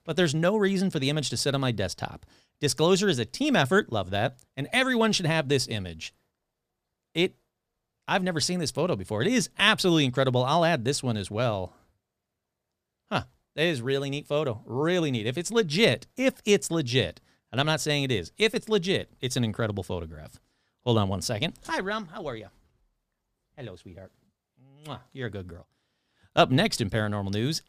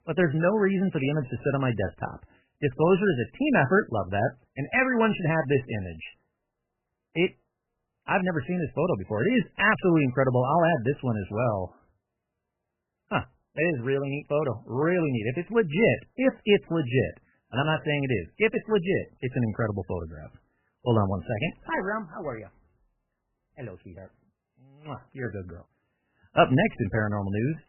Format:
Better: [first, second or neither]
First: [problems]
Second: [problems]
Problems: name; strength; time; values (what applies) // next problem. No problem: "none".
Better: first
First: none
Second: garbled, watery; badly; nothing above 3 kHz